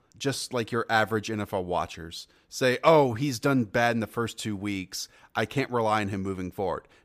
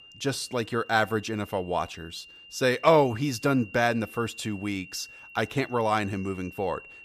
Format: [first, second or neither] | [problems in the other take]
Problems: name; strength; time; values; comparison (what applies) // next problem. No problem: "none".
first | high-pitched whine; noticeable; throughout; 3 kHz, 20 dB below the speech